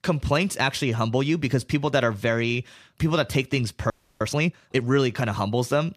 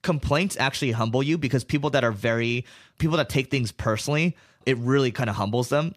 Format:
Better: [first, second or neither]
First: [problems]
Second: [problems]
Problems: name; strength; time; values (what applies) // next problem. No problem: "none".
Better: second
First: audio freezing; at 4 s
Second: none